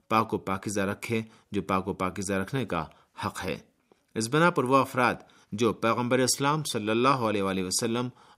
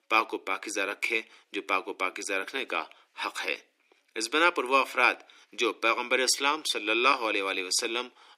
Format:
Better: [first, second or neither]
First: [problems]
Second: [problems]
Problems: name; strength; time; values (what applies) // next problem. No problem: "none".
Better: first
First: none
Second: thin; somewhat; fading below 300 Hz